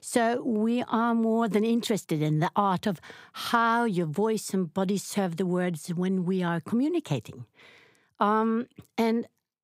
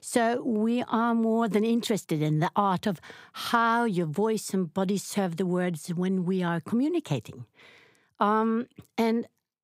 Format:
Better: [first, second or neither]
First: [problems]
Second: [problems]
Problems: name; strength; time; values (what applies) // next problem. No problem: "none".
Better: neither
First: none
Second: none